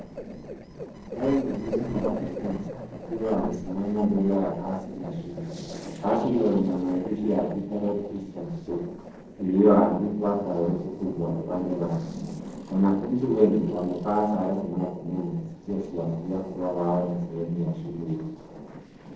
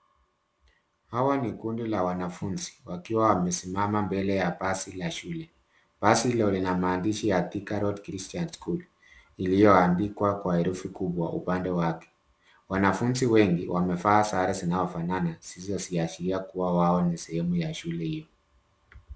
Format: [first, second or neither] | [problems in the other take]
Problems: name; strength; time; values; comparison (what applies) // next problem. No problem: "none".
second | noise reduction (neural separator model SepFormer DNS4)